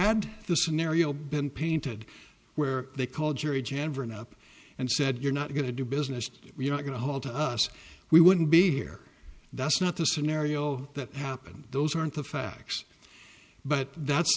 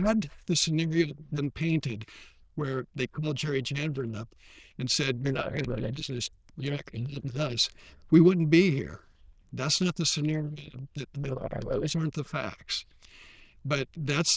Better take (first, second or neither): first